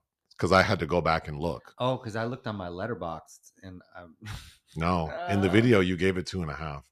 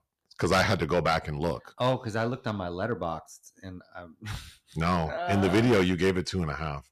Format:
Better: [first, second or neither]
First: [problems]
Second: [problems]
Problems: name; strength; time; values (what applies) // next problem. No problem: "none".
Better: first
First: none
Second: distortion; heavy; 4% of the sound clipped